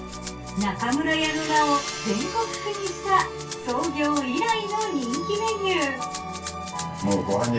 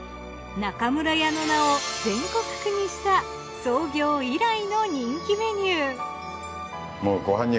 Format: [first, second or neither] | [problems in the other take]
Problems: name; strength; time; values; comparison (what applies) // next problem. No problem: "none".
second | background sound (Rattle (instrument)); 14 dB below the speech // room echo; dies away in 0.2 s